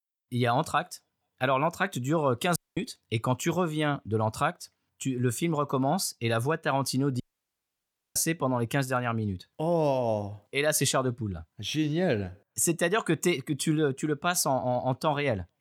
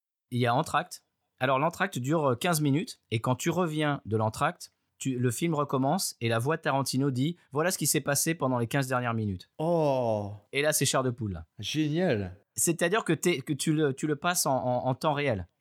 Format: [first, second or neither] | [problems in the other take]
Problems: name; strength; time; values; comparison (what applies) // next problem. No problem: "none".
second | audio cutting out; at 2.5 s and at 7 s for 1 s